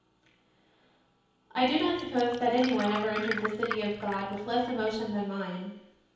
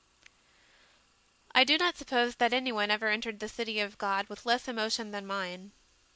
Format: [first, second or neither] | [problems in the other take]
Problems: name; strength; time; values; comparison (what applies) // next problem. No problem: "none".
second | background sound (Glass); 10 dB below the speech // room echo; dies away in 2.2 s